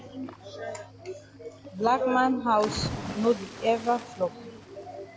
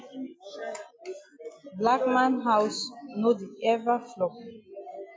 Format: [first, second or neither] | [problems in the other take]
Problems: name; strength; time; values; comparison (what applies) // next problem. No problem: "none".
second | background sound (Cricket / Waves, surf); 12 dB below the speech